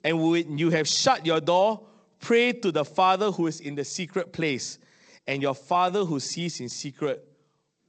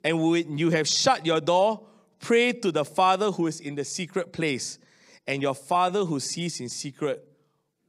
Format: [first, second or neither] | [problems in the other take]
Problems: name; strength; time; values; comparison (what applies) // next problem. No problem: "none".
second | garbled, watery; slightly; nothing above 7.5 kHz